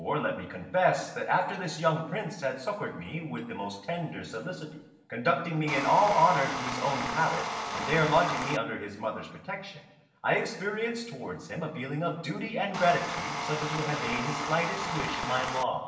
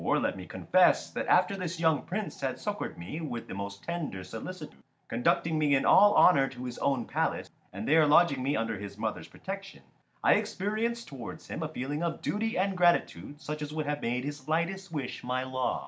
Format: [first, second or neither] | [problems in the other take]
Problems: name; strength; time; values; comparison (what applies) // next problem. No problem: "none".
second | background sound (Tools); 3 dB below the speech // room echo; dies away in 0.9 s